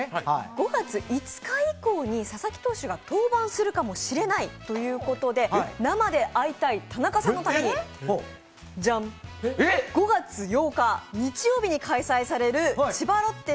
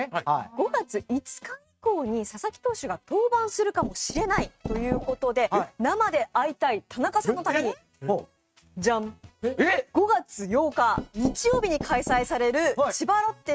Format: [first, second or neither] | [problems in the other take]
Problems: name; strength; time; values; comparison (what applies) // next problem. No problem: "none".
first | noise reduction (neural mask model RNNoise)